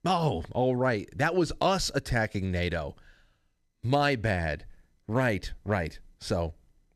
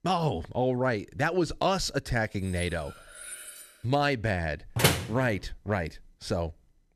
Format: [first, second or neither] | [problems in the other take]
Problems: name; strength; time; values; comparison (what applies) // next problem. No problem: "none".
first | clattering dishes; faint; from 2.5 to 4 s; peak 10 dB below the speech // door banging; loud; at 5 s; peak 5 dB above the speech